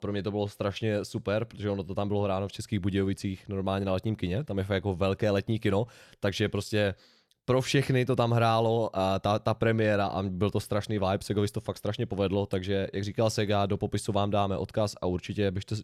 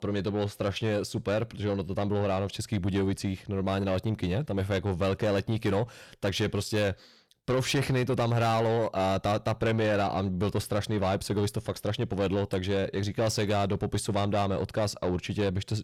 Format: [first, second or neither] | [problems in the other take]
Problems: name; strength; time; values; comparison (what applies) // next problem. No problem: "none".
first | distortion; slight; 10 dB below the speech